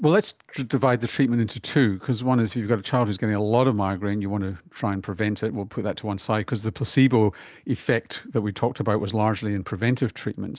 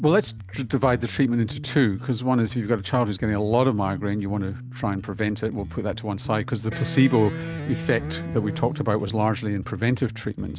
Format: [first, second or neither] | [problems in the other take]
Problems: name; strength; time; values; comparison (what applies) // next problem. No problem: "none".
first | background sound (Electric guitar + Bass guitar); 10 dB below the speech